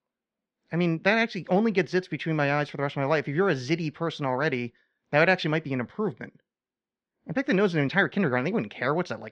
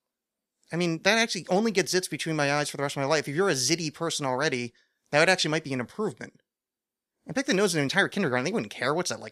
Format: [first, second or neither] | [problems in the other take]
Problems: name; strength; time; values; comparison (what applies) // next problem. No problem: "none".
second | muffled; slightly; fading above 3 kHz